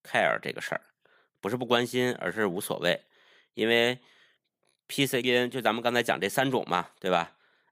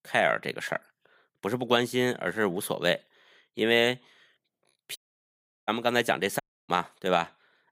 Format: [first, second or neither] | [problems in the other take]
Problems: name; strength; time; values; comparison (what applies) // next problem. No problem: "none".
first | audio cutting out; at 5 s for 0.5 s and at 6.5 s